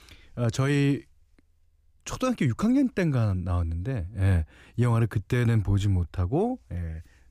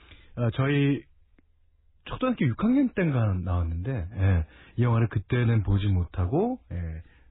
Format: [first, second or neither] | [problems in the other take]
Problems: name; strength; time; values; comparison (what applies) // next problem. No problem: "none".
first | garbled, watery; badly; nothing above 4 kHz